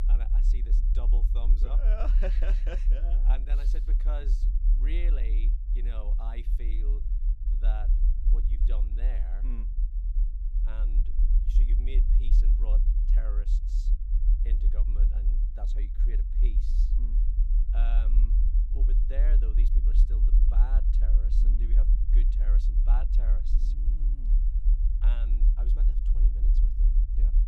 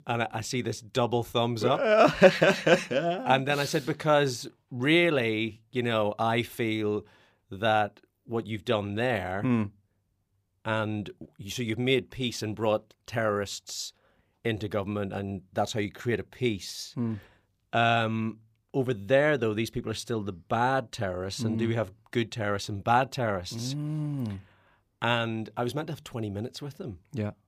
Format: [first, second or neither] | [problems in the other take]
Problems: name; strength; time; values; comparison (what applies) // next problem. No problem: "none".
second | low rumble; loud; throughout; 4 dB below the speech